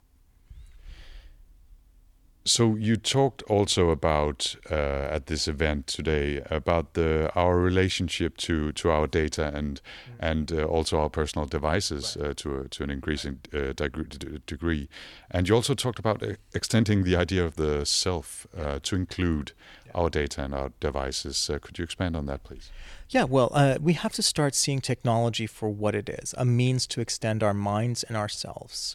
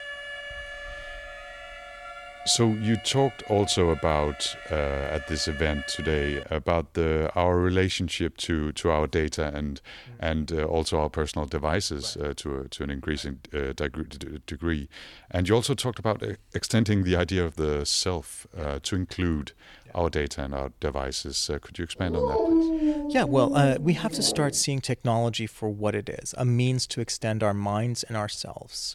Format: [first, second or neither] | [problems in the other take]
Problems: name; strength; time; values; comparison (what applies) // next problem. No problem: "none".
first | alarm; noticeable; until 6.5 s; peak 9 dB below the speech // dog barking; loud; from 22 to 25 s; peak 5 dB above the speech